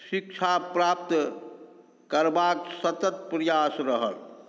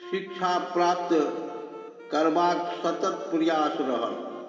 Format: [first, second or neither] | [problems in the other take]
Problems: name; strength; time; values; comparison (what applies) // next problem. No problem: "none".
first | background sound (Wind instrument, woodwind instrument); 17 dB below the speech // room echo; dies away in 2.6 s